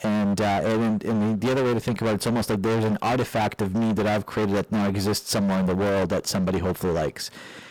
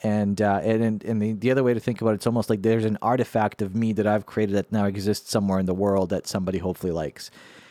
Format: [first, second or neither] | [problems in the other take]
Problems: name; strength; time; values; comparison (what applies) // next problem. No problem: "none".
second | distortion; heavy; 36% of the sound clipped